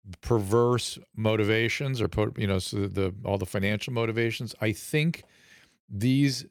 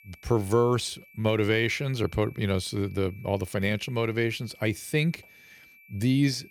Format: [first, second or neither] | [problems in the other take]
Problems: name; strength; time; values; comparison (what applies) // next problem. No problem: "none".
first | high-pitched whine; faint; throughout; 2.5 kHz, 25 dB below the speech